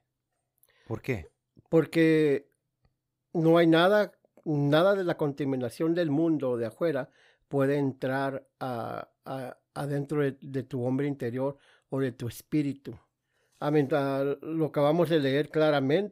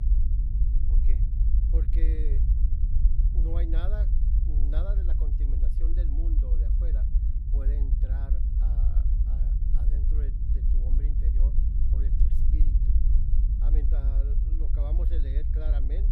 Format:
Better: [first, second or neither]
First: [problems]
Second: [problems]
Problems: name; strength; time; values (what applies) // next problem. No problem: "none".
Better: first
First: none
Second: low rumble; loud; throughout; as loud as the speech